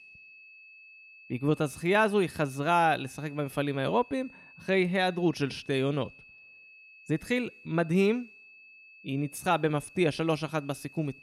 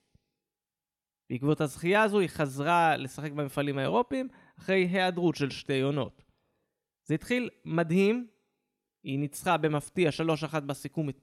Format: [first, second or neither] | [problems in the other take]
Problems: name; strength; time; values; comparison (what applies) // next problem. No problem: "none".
second | high-pitched whine; faint; throughout; 2.5 kHz, 20 dB below the speech